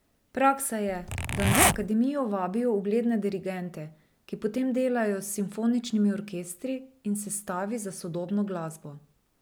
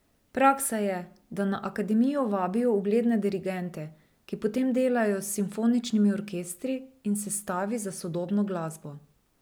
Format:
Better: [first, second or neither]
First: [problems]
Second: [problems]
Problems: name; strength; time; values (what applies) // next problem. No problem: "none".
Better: second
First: background sound (Zipper (clothing)); 4 dB above the speech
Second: none